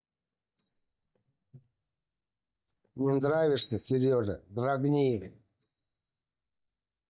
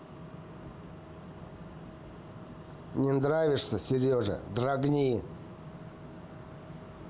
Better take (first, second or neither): second